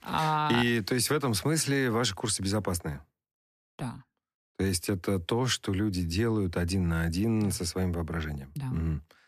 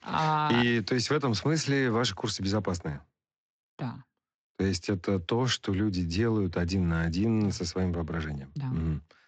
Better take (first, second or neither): first